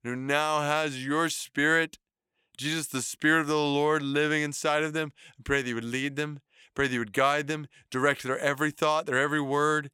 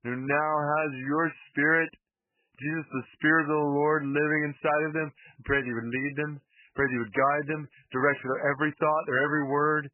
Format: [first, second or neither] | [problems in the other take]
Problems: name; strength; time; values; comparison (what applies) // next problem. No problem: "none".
first | garbled, watery; badly; nothing above 2.5 kHz